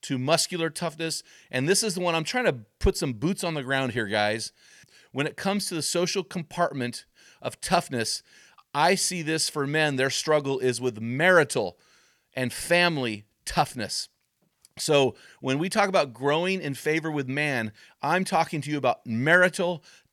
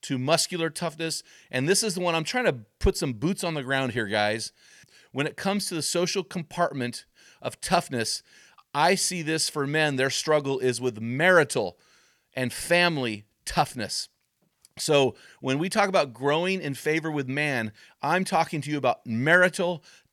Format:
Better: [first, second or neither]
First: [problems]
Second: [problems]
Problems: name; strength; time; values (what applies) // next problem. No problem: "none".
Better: neither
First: none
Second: none